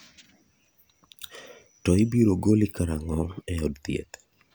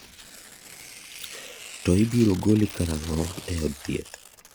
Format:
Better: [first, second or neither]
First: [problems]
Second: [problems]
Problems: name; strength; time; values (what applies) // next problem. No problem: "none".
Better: first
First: none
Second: background sound (Tearing); 16 dB below the speech